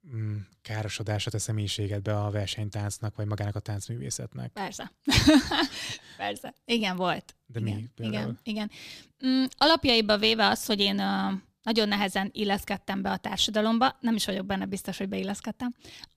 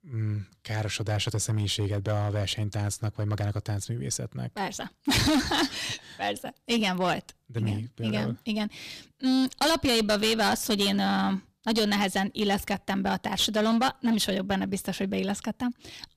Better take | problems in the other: first | distortion; heavy; 7% of the sound clipped

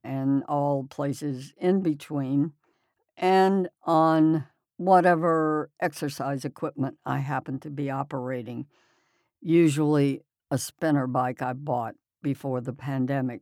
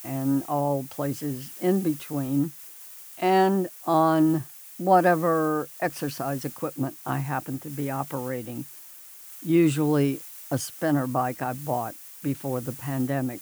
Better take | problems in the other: first | hiss; noticeable; throughout; 15 dB below the speech

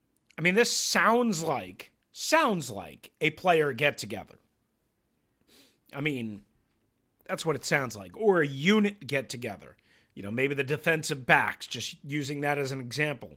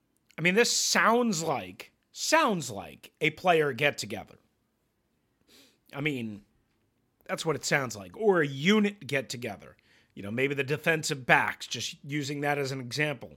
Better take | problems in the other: second | garbled, watery; slightly; nothing above 16.5 kHz

